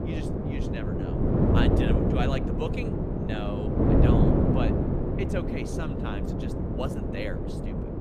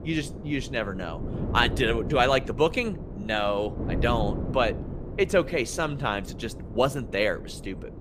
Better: second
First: wind noise on the microphone; heavy; 5 dB above the speech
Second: wind noise on the microphone; occasional gusts; 15 dB below the speech

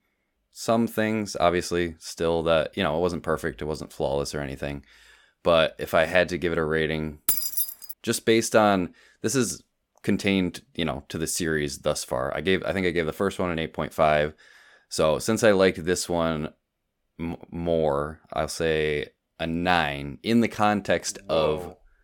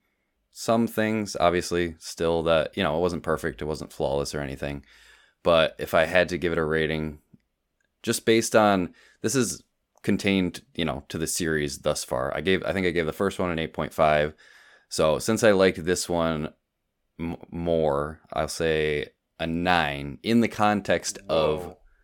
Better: second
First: jangling keys; loud; at 7.5 s; peak 4 dB above the speech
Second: none

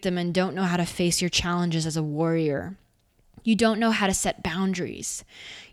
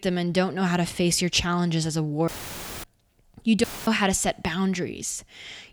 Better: first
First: none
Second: audio cutting out; filled with static; at 2.5 s for 0.5 s and at 3.5 s

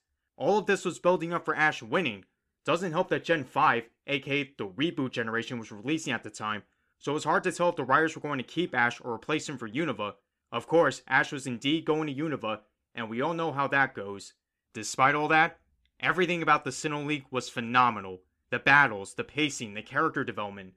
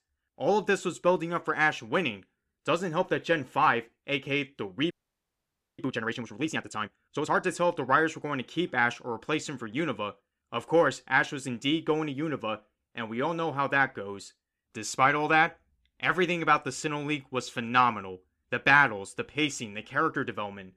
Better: first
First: none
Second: audio freezing; at 5 s for 1 s

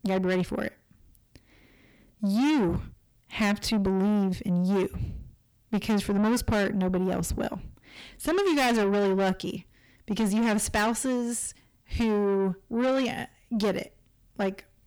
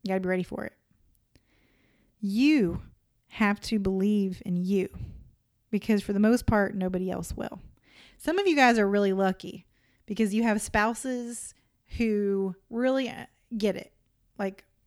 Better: second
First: distortion; heavy; 7 dB below the speech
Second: none

